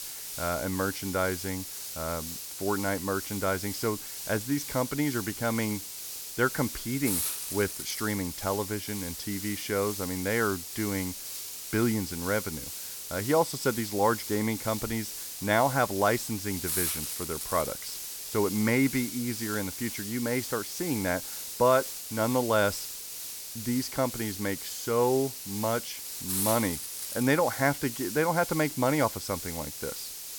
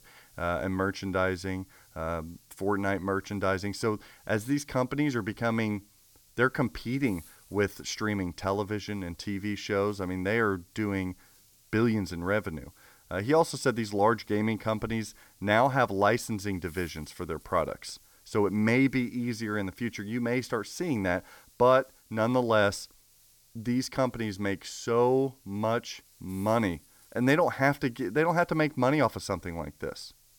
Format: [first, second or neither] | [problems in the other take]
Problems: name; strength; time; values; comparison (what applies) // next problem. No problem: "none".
second | hiss; loud; throughout; 5 dB below the speech; faint in the second